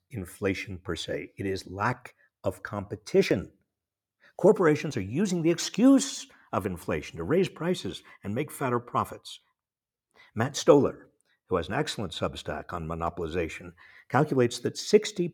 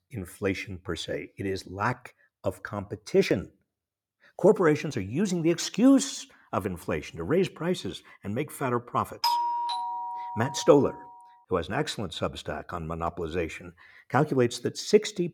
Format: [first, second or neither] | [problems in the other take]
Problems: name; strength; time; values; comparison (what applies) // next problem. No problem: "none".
first | doorbell; loud; from 9 to 11 s; peak 2 dB above the speech